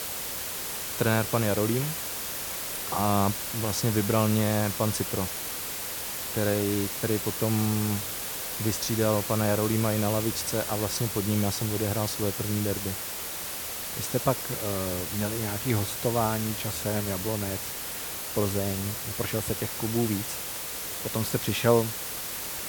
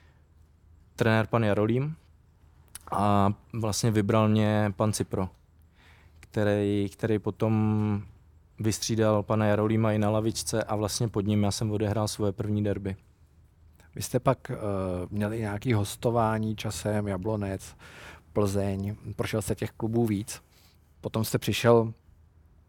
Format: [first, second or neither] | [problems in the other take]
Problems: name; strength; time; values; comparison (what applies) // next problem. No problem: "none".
second | hiss; loud; throughout; 2 dB below the speech